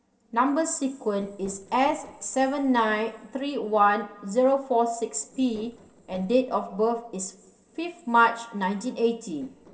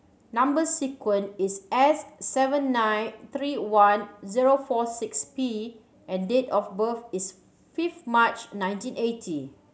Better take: second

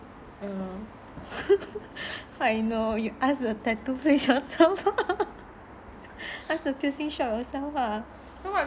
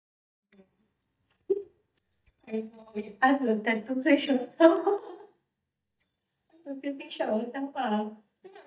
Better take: first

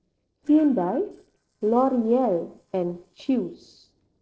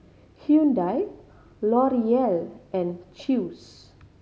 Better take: second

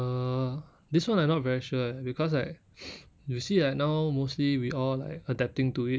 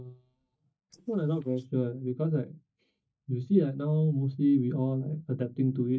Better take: first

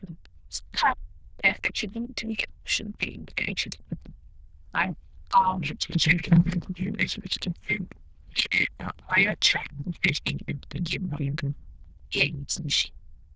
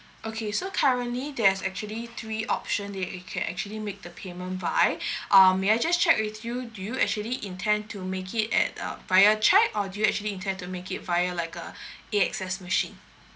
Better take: second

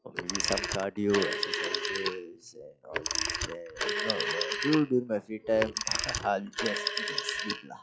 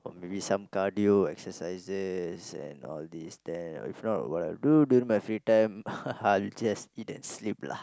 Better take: second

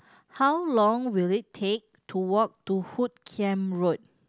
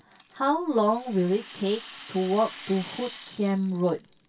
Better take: first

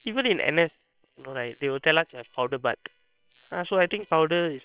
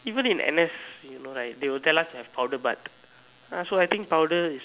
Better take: second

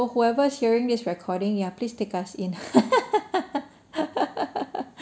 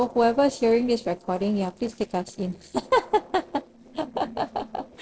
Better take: first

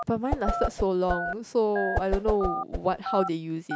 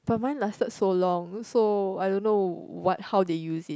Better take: second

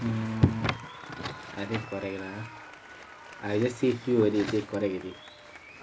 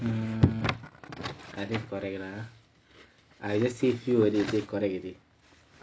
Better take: second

